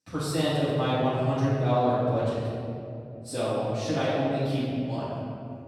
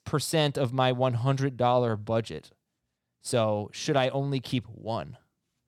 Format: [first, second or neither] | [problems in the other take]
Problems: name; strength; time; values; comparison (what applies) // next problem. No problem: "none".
second | room echo; strong; dies away in 2.7 s // off-mic speech; far